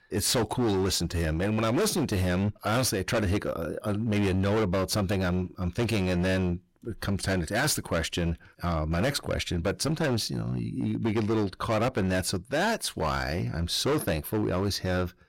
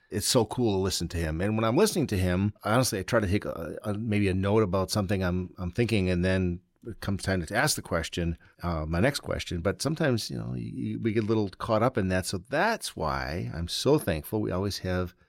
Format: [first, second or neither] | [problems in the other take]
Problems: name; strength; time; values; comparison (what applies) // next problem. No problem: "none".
second | distortion; heavy; 17% of the sound clipped